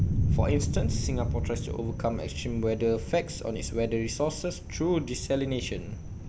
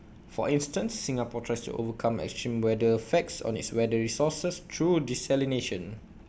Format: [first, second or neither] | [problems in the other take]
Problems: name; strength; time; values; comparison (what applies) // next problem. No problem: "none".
second | background sound (Thunder); 1 dB below the speech